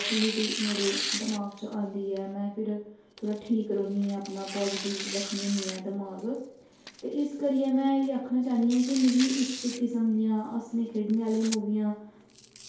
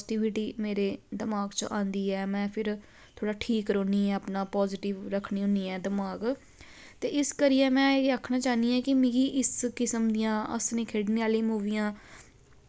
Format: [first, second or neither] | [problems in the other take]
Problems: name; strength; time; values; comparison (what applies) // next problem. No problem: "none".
second | background sound (Tearing); 10 dB below the speech // room echo; dies away in 2.4 s